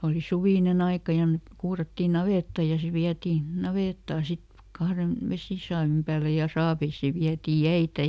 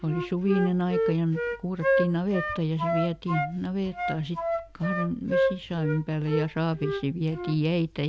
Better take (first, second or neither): first